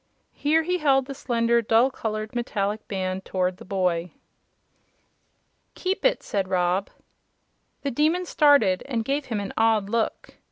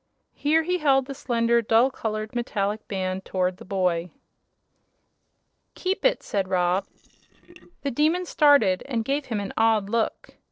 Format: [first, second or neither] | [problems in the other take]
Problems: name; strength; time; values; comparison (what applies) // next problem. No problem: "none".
first | noise reduction (neural separator model SepFormer DNS4)